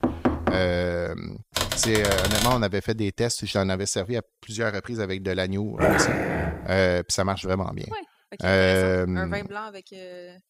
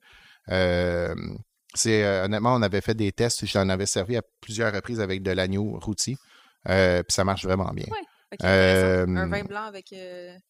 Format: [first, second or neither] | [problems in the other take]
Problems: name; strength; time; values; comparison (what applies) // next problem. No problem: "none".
second | door banging; loud; at the start; peak level with the speech // keyboard typing; loud; from 1.5 to 2.5 s; peak 2 dB above the speech // dog barking; loud; at 6 s; peak 5 dB above the speech